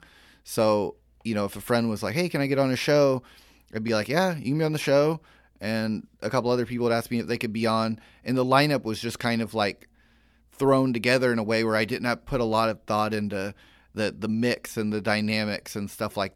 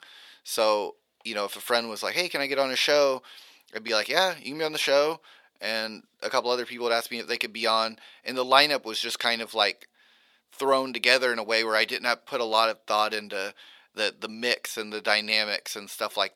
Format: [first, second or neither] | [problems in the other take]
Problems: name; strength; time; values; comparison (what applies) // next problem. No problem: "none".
first | thin; somewhat; fading below 550 Hz